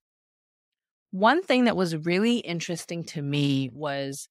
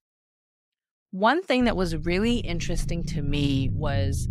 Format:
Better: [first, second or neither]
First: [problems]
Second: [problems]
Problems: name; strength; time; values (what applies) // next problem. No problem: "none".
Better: first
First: none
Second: low rumble; noticeable; from 1.5 s on; 15 dB below the speech